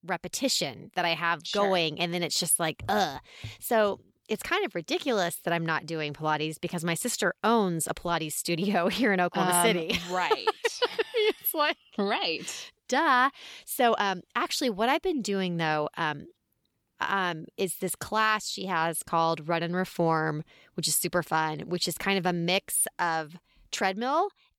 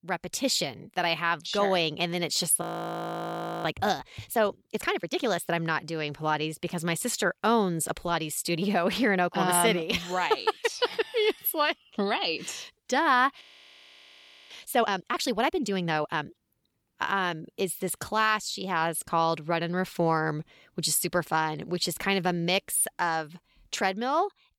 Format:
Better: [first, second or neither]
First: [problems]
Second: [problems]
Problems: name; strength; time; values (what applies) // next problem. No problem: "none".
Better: first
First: none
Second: audio freezing; at 2.5 s for 1 s and at 13 s for 1 s